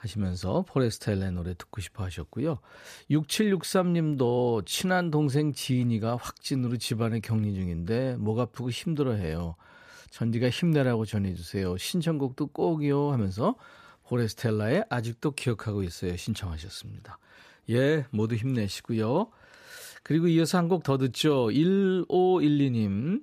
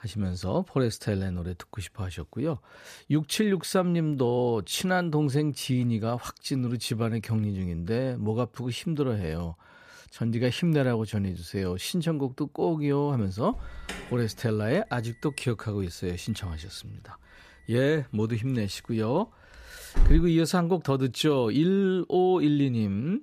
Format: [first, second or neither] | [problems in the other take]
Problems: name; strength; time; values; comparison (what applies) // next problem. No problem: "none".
first | alarm; loud; from 14 to 20 s; peak 1 dB above the speech